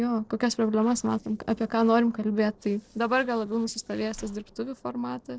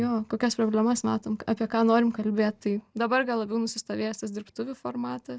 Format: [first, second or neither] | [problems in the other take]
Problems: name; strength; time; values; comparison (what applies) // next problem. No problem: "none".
second | noise reduction (neural separator model SepFormer DNS4)